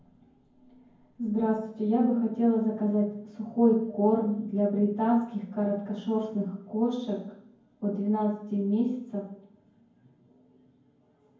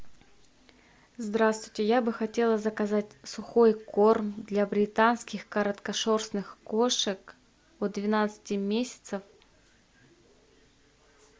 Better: second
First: room echo; dies away in 0.9 s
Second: none

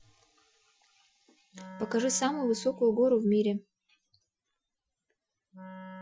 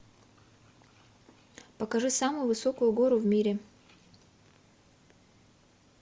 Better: second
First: noise reduction (classical method Wiener filter)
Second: none

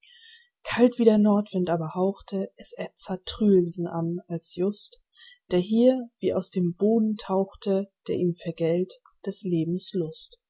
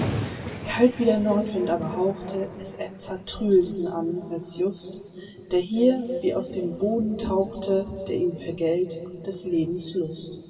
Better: first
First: none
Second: background sound (Thunder); 13 dB below the speech // room echo; dies away in 3 s

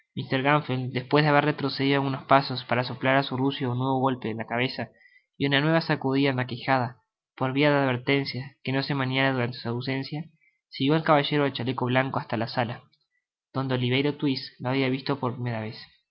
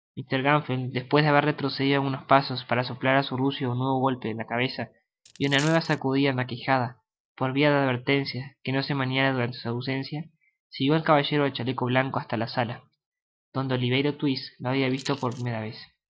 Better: first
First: none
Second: noise reduction (neural mask model DeepFilterNet 3)

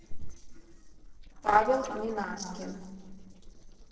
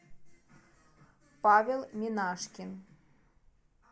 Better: second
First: noise reduction (neural separator model SepFormer DNS4)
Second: none

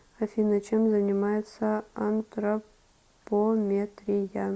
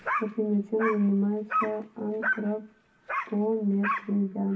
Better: first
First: none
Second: background sound (Dog); 6 dB below the speech // room echo; dies away in 0.3 s

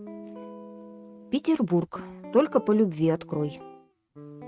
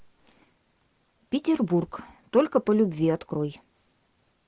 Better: second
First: noise reduction (neural mask model RNNoise)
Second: none

